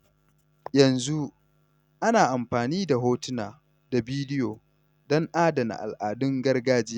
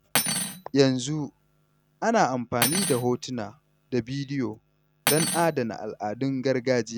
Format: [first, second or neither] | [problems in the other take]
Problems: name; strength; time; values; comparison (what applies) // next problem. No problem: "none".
first | background sound (Cutlery, silverware); 5 dB below the speech